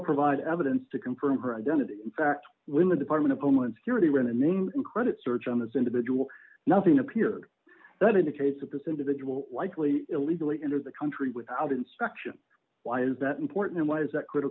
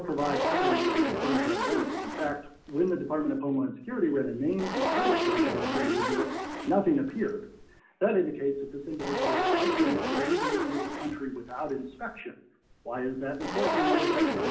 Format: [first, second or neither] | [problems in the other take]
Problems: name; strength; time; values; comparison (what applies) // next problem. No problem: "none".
first | background sound (Zipper (clothing)); as loud as the speech // room echo; dies away in 0.5 s